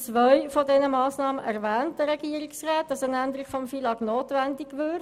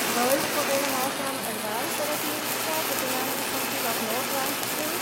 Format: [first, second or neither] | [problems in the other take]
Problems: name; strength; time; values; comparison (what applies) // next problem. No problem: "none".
first | background sound (Fire); 3 dB above the speech